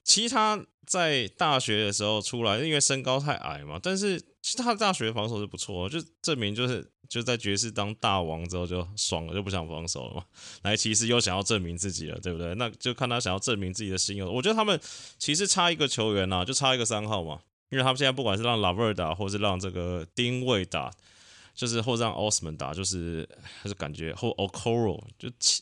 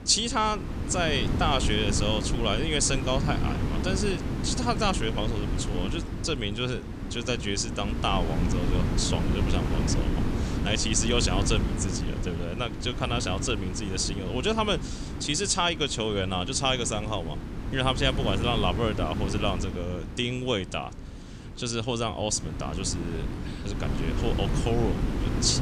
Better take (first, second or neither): first